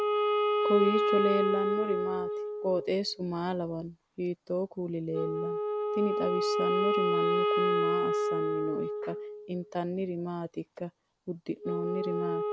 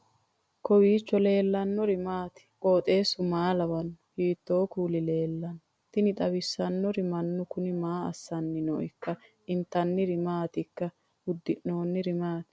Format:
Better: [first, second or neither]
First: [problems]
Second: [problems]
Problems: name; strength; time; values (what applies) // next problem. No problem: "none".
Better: second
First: background sound (Wind instrument, woodwind instrument); 3 dB above the speech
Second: none